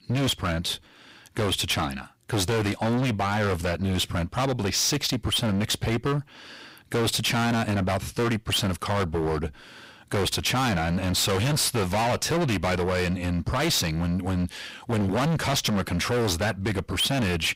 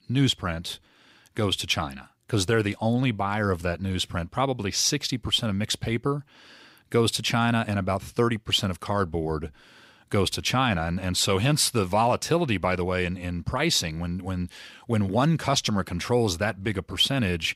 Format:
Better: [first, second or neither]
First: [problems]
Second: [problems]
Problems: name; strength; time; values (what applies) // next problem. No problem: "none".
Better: second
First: distortion; heavy; 27% of the sound clipped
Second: none